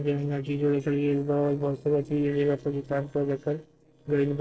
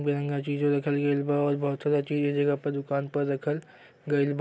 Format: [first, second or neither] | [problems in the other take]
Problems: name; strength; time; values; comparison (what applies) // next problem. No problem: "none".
second | noise reduction (neural separator model SepFormer DNS4)